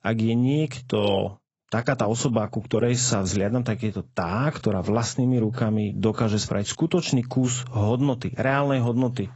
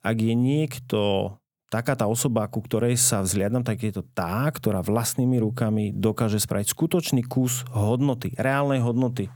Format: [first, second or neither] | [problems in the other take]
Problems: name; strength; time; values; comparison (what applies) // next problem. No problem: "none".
second | garbled, watery; badly; nothing above 7.5 kHz